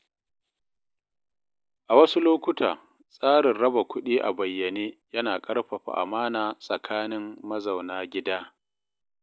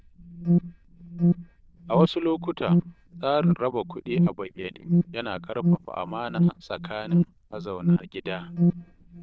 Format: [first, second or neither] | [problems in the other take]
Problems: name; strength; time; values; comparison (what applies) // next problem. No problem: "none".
first | noise reduction (neural diffusion model UNIVERSE++)